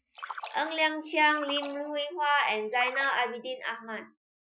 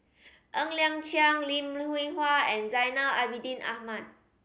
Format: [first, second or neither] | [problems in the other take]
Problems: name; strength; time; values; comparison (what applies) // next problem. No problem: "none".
second | noise reduction (classical method Wiener filter)